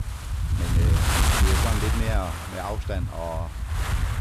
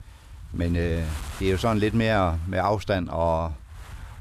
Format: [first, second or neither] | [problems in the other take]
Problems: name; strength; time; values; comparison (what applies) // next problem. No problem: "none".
second | wind noise on the microphone; heavy; 5 dB above the speech; occasional gusts in the second